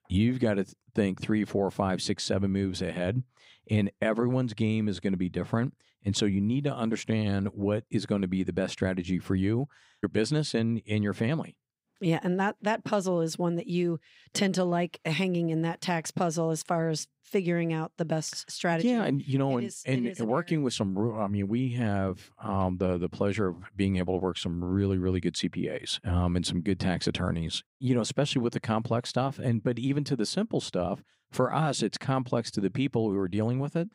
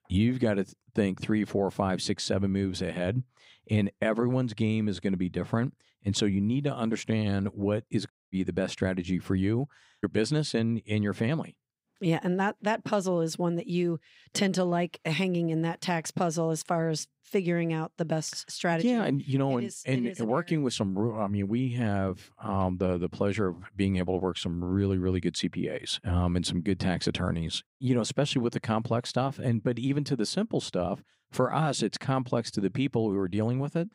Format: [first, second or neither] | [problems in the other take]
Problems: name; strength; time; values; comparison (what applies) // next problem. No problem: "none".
first | audio cutting out; at 8 s